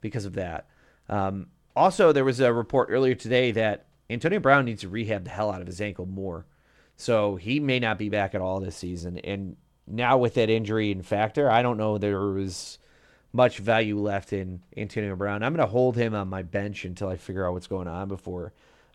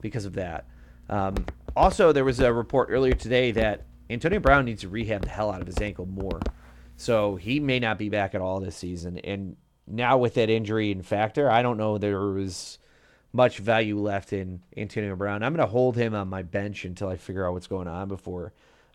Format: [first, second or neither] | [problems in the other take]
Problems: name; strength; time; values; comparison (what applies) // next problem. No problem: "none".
first | footsteps; noticeable; from 1.5 to 6.5 s; peak 7 dB below the speech